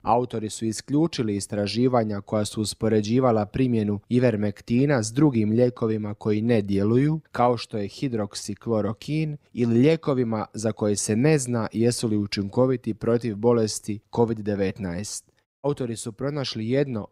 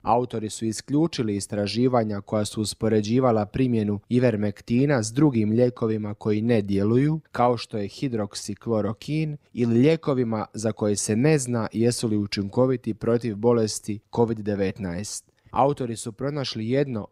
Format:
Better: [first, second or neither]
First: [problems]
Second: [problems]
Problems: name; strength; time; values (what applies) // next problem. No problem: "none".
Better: second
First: audio cutting out; at 15 s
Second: none